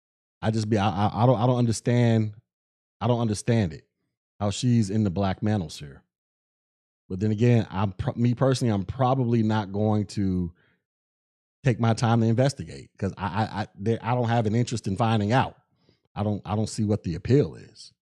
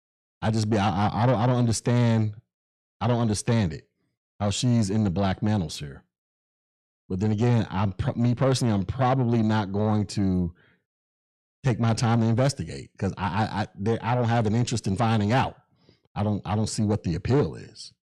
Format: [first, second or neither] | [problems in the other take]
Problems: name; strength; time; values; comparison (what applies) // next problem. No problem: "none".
first | distortion; slight; 10 dB below the speech